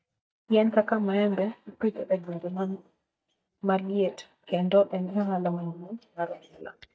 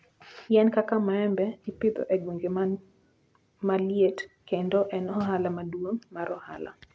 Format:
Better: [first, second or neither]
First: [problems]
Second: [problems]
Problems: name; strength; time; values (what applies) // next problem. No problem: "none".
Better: second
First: noise reduction (neural mask model DeepFilterNet 3)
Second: none